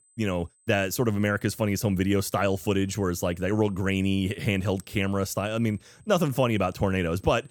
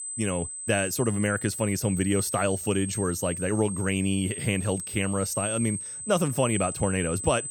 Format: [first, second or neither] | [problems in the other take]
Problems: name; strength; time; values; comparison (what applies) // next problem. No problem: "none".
first | high-pitched whine; loud; throughout; 8 kHz, 5 dB below the speech; faint in the first